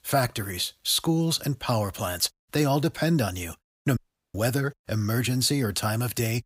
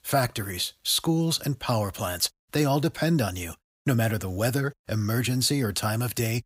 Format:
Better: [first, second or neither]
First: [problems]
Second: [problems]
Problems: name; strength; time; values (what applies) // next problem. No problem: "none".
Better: second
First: audio cutting out; at 4 s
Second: none